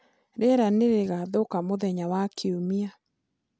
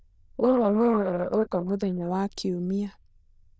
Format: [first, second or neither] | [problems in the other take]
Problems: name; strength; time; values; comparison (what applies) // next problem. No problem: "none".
first | noise reduction (neural diffusion model UNIVERSE++)